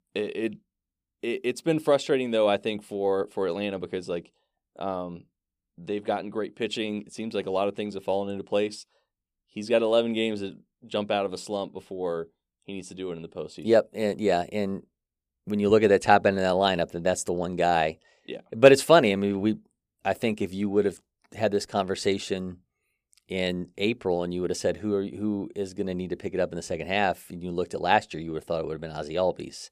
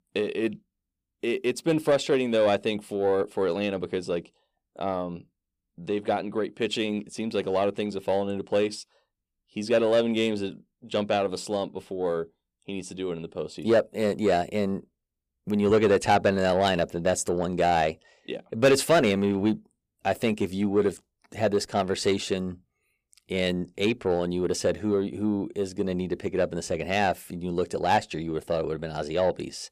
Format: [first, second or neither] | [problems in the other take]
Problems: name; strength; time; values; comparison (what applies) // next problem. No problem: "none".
first | distortion; slight; 10 dB below the speech